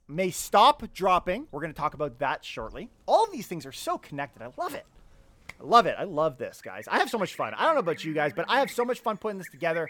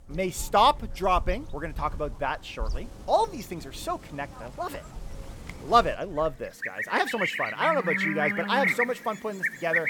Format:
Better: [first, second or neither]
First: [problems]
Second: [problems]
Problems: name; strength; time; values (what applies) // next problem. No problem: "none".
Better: first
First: animal sounds; faint; throughout; 20 dB below the speech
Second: animal sounds; loud; throughout; 3 dB below the speech